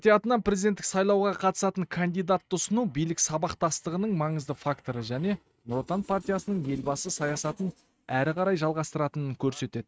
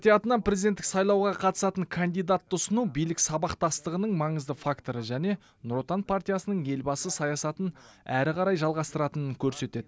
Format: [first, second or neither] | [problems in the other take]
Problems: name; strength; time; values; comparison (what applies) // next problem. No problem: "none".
second | noise reduction (neural mask model RNNoise)